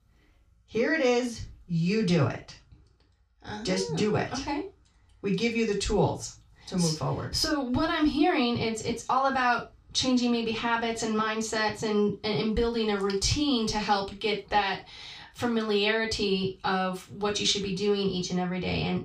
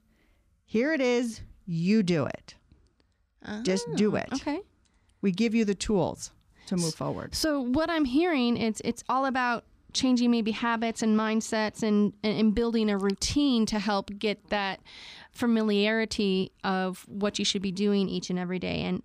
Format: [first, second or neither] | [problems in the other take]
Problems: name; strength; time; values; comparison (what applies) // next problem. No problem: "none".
second | room echo; slight; dies away in 0.3 s // off-mic speech; far